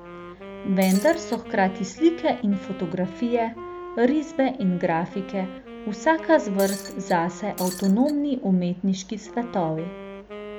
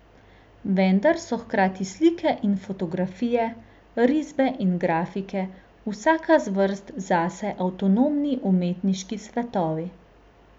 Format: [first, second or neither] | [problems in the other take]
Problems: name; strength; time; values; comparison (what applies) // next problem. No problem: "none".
second | background sound (Wind instrument, woodwind instrument + Shatter); 14 dB below the speech